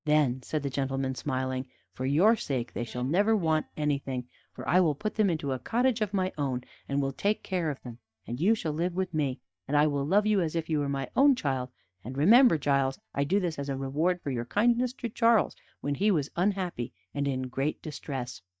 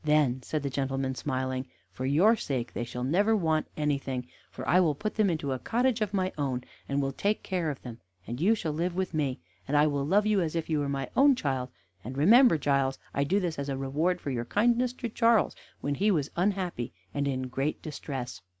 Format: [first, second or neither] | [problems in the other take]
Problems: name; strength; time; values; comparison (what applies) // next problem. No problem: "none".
second | noise reduction (neural mask model DeepFilterNet 3)